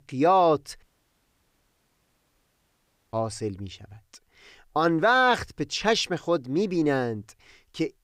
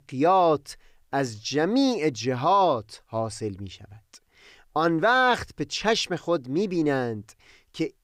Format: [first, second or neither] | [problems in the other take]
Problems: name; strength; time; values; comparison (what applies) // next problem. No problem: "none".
second | audio cutting out; at 1 s for 2.5 s